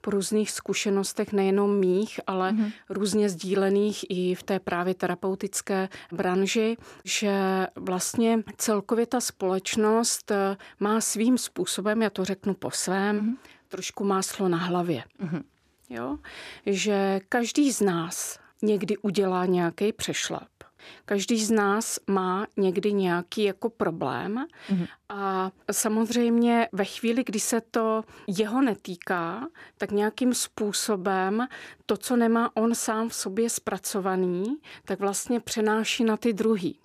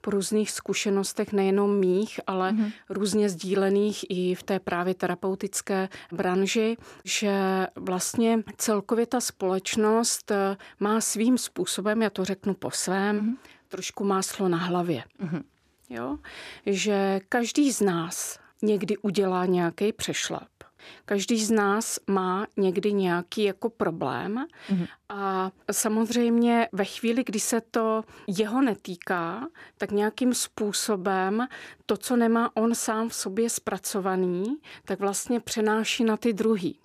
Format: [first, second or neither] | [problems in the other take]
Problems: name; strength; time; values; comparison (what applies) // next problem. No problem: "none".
neither | none